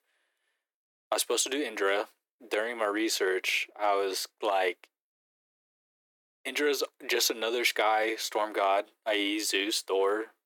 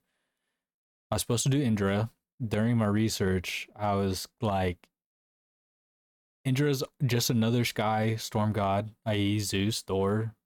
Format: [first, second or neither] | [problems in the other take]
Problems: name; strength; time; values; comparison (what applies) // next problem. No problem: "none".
second | thin; very; fading below 300 Hz